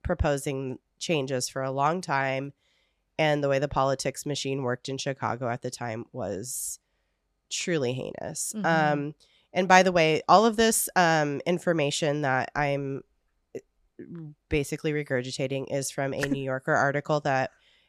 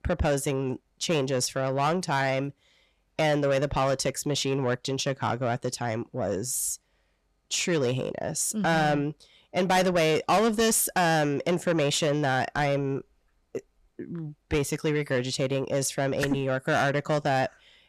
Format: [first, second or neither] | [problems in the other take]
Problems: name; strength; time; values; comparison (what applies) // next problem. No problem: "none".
first | distortion; heavy; 7 dB below the speech